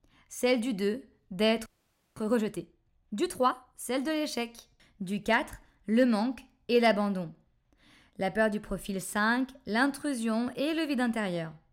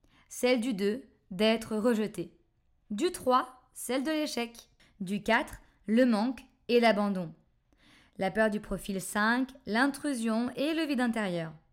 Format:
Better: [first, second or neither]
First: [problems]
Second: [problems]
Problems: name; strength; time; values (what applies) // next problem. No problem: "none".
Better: second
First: audio freezing; at 1.5 s for 0.5 s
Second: none